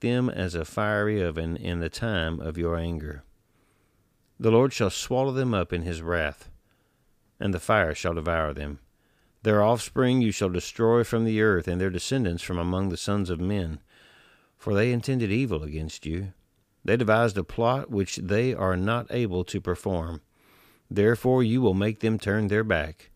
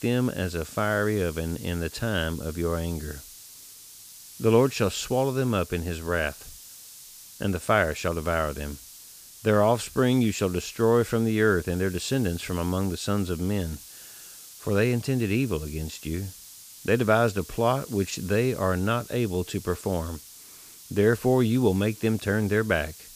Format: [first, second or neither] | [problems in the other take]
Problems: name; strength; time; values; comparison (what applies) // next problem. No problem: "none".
first | hiss; noticeable; throughout; 15 dB below the speech